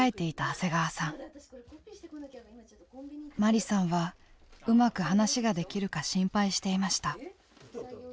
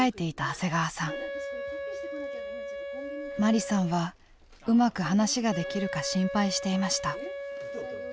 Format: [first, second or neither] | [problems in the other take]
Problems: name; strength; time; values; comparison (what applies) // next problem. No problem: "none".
first | background sound (Wind instrument, woodwind instrument); 9 dB below the speech